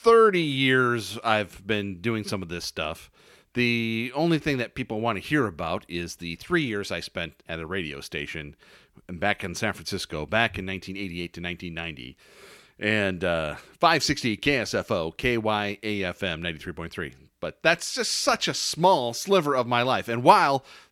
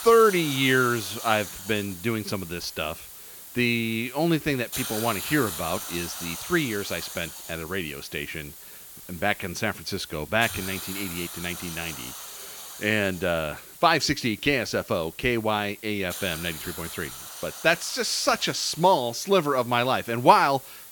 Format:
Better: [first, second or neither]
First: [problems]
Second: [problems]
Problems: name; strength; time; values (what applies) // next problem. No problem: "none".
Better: first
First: none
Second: hiss; noticeable; throughout; 10 dB below the speech